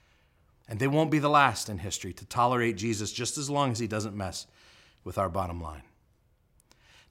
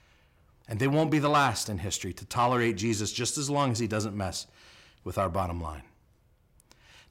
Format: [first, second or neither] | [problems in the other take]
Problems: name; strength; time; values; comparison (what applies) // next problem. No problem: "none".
first | distortion; slight; 10 dB below the speech